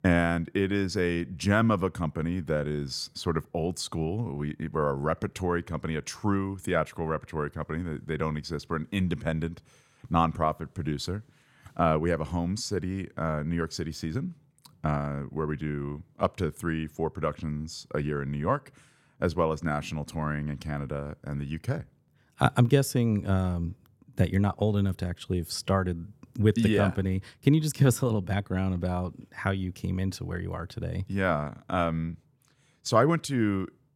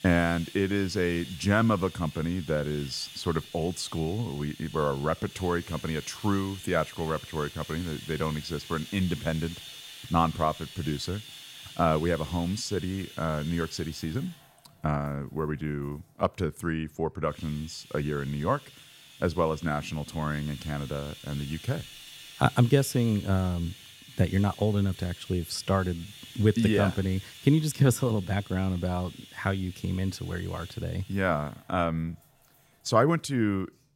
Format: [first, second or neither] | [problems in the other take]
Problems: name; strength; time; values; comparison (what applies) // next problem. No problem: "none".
first | household noises; noticeable; throughout; 15 dB below the speech